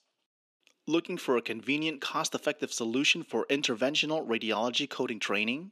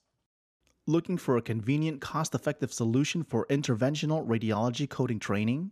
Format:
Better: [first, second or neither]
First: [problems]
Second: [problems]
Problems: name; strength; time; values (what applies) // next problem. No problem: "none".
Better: second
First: thin; very slightly; fading below 300 Hz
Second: none